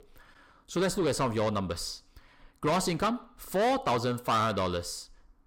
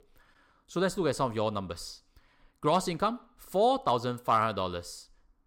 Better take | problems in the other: second | distortion; heavy; 8 dB below the speech

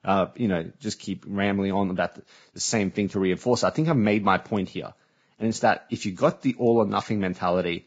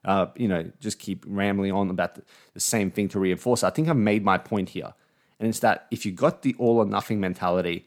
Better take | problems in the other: second | garbled, watery; badly; nothing above 7.5 kHz

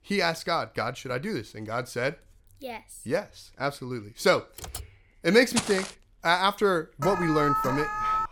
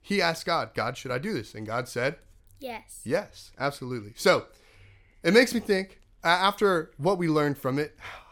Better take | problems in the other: second | keyboard typing; faint; at 4.5 s; peak 10 dB below the speech // footsteps; noticeable; at 5.5 s; peak 3 dB below the speech // alarm; loud; from 7 s on; peak level with the speech

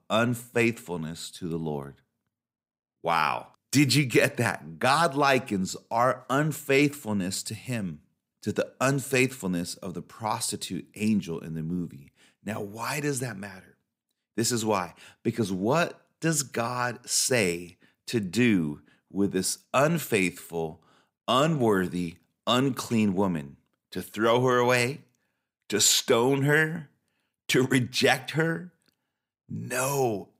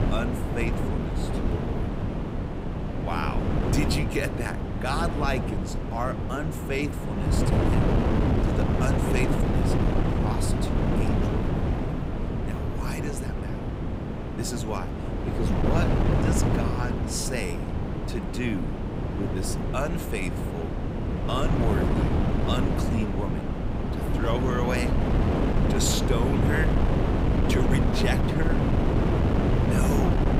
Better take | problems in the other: first | wind noise on the microphone; heavy; 1 dB above the speech

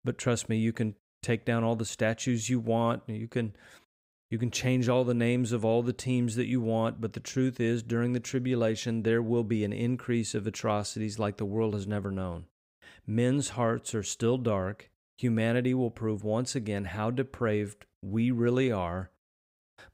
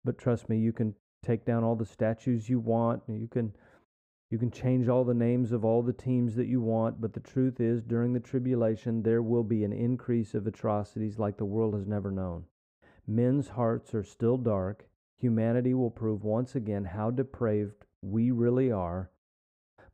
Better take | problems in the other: first | muffled; very; fading above 2 kHz

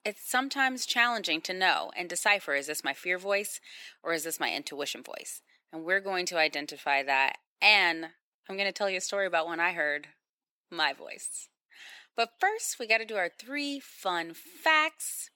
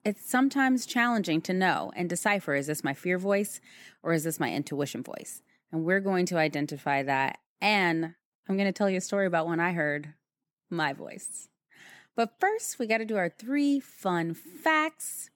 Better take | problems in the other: second | thin; somewhat; fading below 550 Hz

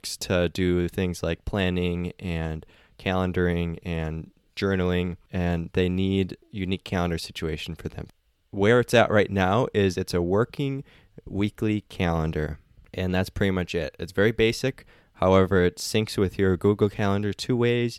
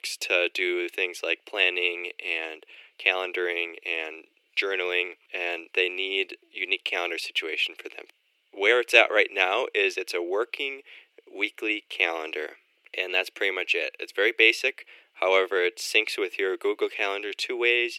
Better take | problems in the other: first | thin; very; fading below 350 Hz

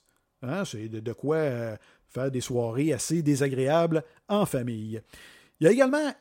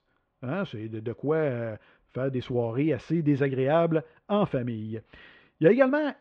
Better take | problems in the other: first | muffled; very; fading above 3 kHz

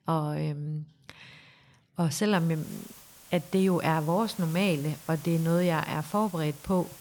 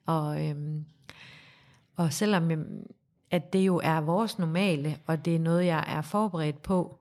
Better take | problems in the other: second | hiss; noticeable; from 2.5 s on; 20 dB below the speech

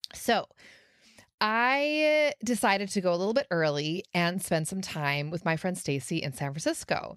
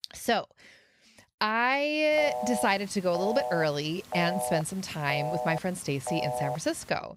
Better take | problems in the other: first | phone ringing; noticeable; from 2 to 6.5 s; peak 3 dB below the speech

